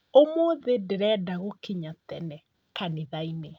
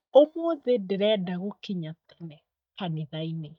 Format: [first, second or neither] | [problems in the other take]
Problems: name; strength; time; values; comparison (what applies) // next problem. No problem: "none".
first | noise reduction (neural mask model DeepFilterNet 3)